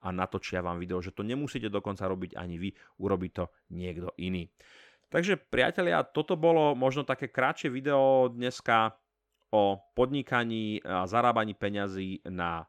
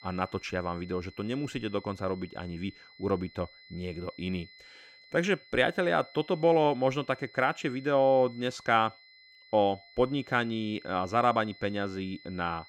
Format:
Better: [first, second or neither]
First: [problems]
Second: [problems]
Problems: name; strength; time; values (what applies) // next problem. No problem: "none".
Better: first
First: none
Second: high-pitched whine; faint; throughout; 2 kHz, 20 dB below the speech